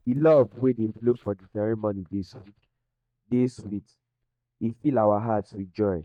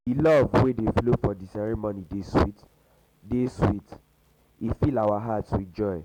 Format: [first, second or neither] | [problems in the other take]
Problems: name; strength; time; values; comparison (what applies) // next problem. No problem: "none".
second | noise reduction (neural mask model DeepFilterNet 3)